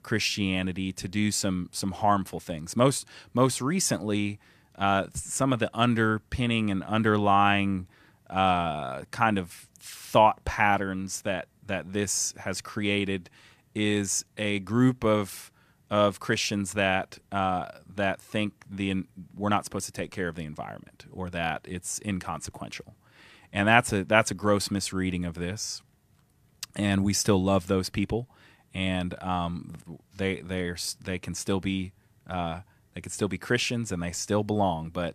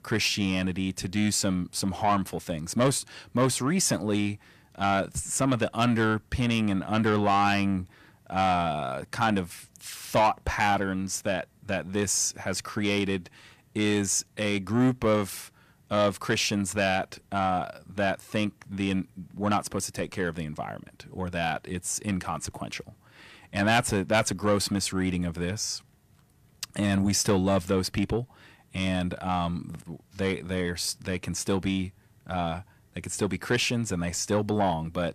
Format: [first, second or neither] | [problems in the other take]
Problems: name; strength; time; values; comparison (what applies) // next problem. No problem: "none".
first | distortion; slight; 10 dB below the speech